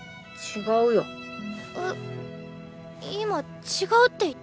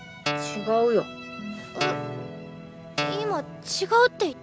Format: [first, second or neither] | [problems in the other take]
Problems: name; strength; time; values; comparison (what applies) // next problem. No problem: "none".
first | background sound (Guitar); 6 dB below the speech